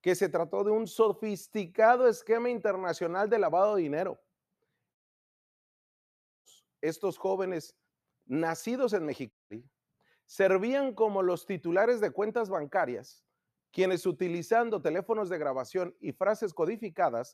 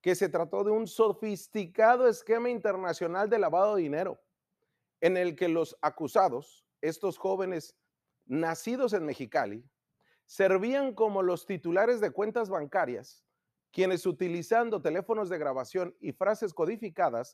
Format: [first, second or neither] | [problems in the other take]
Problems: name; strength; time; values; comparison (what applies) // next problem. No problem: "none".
second | audio cutting out; at 5 s for 1.5 s and at 9.5 s